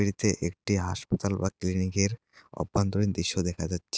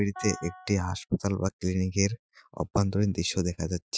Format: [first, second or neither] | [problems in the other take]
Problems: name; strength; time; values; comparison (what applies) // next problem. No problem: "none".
first | noise reduction (classical method Wiener filter)